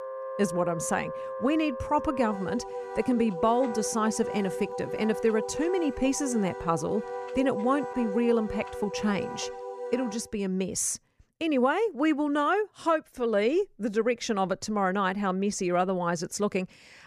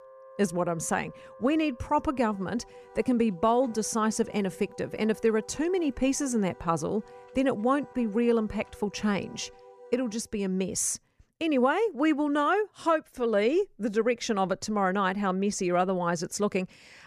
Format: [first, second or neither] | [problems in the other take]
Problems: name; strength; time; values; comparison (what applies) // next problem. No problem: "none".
second | background music; loud; until 10 s; 8 dB below the speech; faint in the second